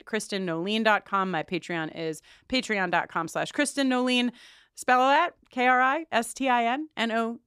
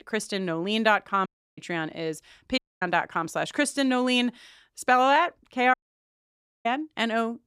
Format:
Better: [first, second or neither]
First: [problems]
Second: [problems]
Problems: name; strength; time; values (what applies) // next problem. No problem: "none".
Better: first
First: none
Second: audio cutting out; at 1.5 s, at 2.5 s and at 5.5 s for 1 s